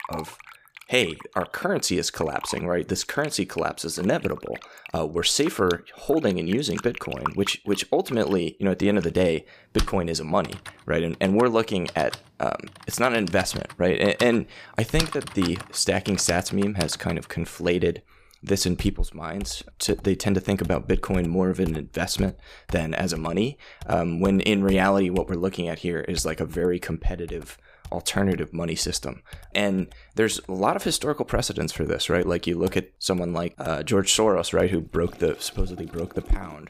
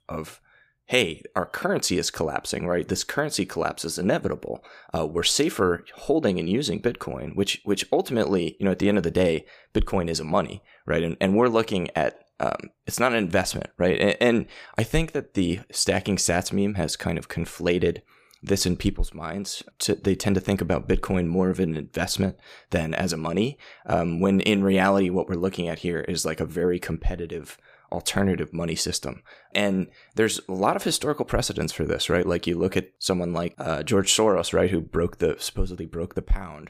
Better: second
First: household noises; noticeable; throughout; 15 dB below the speech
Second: none

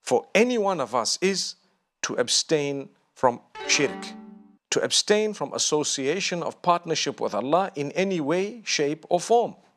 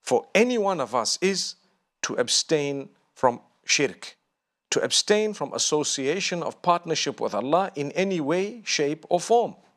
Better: second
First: phone ringing; noticeable; at 3.5 s; peak 10 dB below the speech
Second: none

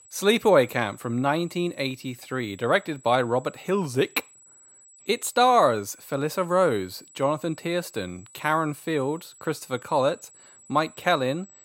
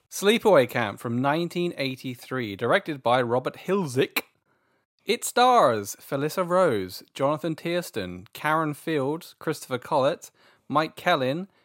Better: second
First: high-pitched whine; faint; throughout; 8 kHz, 25 dB below the speech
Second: none

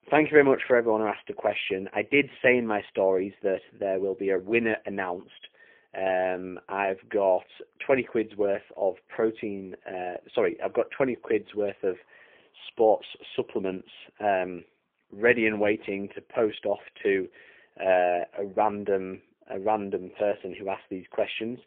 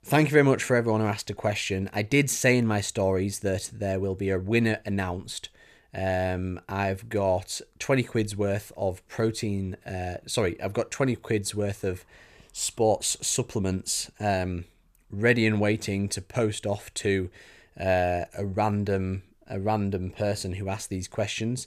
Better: second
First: phone-call audio; poor line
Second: none

